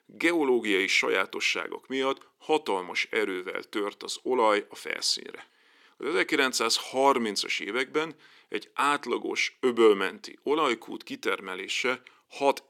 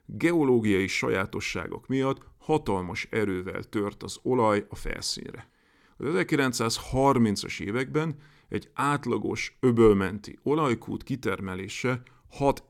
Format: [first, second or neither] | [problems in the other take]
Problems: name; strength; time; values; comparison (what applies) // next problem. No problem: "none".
second | thin; somewhat; fading below 350 Hz